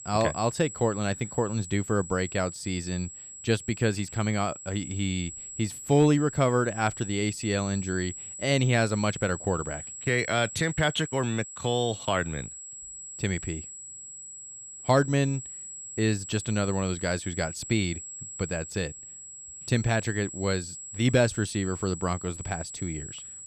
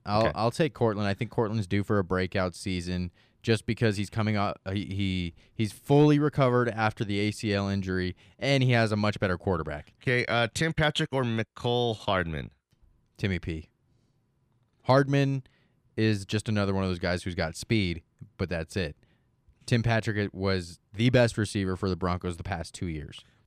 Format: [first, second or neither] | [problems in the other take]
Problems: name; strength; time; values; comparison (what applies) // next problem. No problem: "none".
second | high-pitched whine; noticeable; throughout; 7.5 kHz, 10 dB below the speech